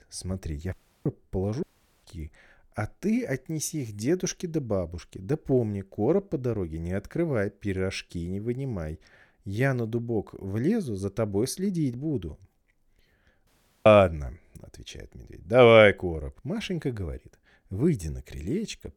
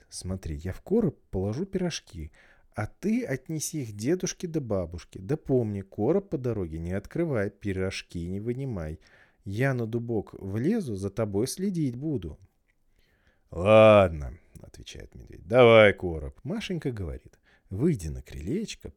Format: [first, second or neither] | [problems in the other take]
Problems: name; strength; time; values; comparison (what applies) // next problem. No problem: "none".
second | audio cutting out; at 0.5 s, at 1.5 s and at 13 s